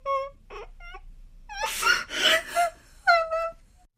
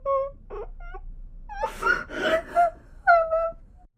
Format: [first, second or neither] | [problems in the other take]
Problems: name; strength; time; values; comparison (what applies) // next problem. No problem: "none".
first | muffled; very; fading above 1.5 kHz